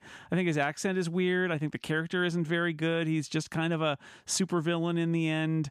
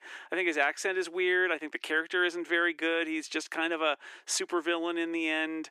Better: first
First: none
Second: thin; very; fading below 350 Hz

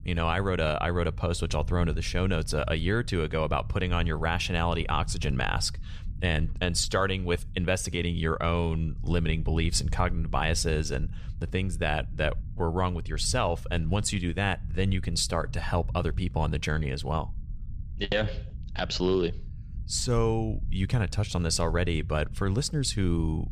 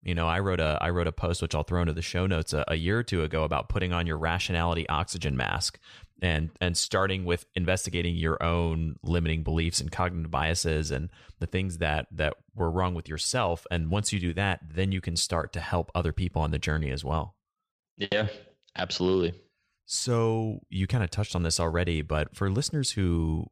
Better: second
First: low rumble; faint; throughout; 25 dB below the speech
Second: none

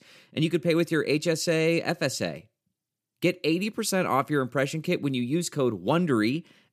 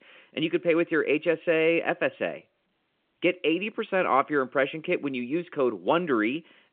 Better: first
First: none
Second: phone-call audio

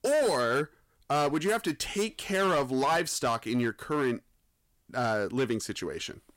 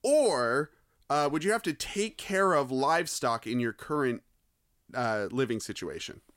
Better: second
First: distortion; slight; 8% of the sound clipped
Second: none

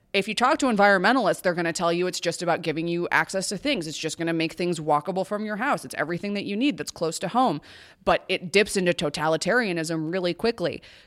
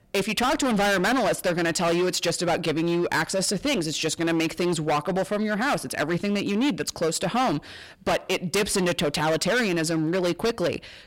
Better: first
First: none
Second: distortion; heavy; 21% of the sound clipped

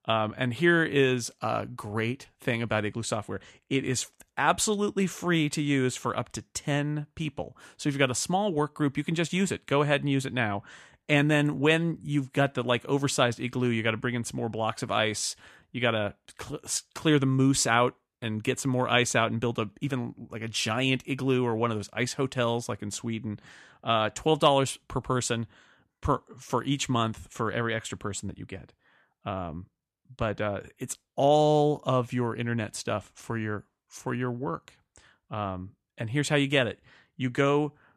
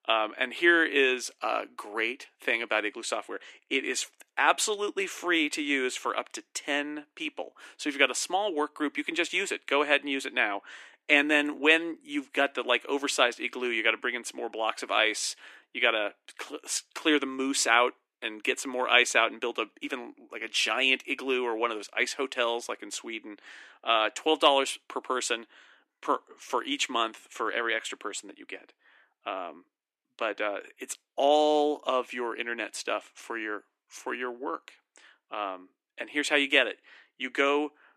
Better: first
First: none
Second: thin; somewhat; fading below 300 Hz

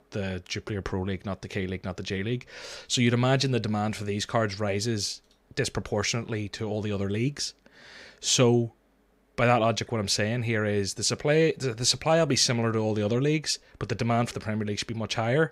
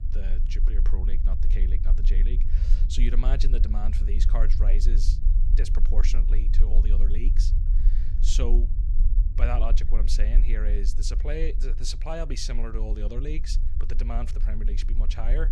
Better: first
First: none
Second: low rumble; loud; throughout; 10 dB below the speech

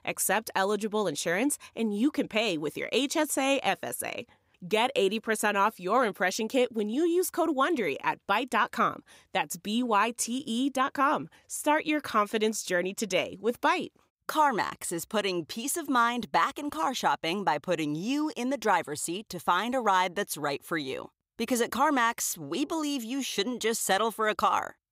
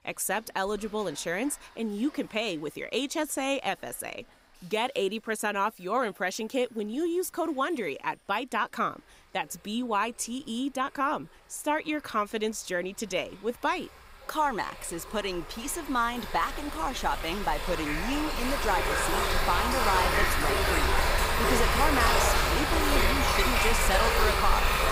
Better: first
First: none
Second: rain or running water; very loud; throughout; 4 dB above the speech

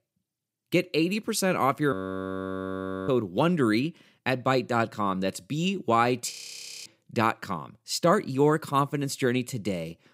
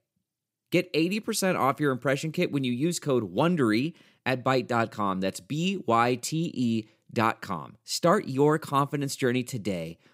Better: second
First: audio freezing; at 2 s for 1 s and at 6.5 s for 0.5 s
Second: none

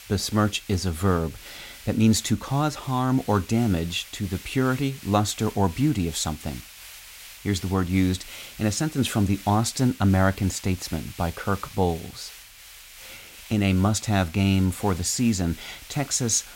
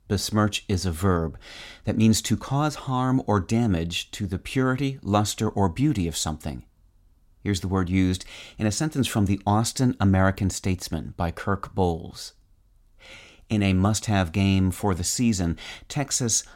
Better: second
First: hiss; noticeable; throughout; 20 dB below the speech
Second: none

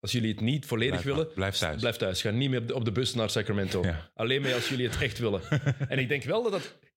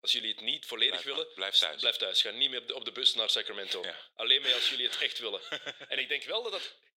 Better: first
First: none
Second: thin; very; fading below 450 Hz

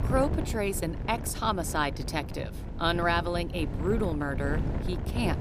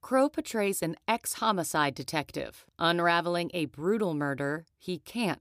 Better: second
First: wind noise on the microphone; occasional gusts; 10 dB below the speech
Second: none

